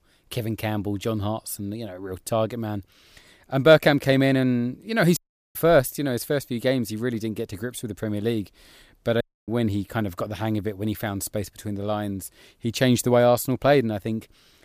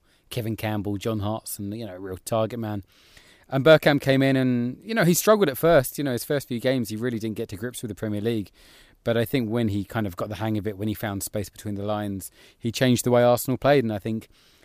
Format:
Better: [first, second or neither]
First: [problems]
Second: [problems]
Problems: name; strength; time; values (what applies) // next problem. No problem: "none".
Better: second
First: audio cutting out; at 5 s and at 9 s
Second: none